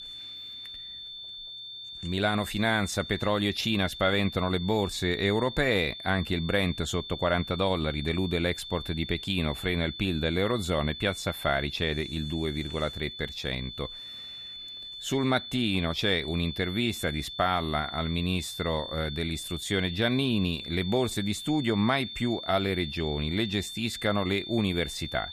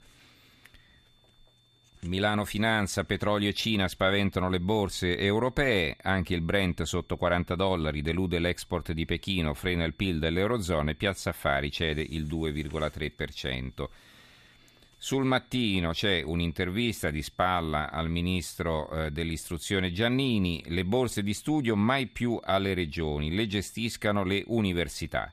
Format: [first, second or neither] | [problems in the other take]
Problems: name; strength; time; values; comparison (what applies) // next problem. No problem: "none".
second | high-pitched whine; loud; throughout; 3.5 kHz, 9 dB below the speech; faint in the second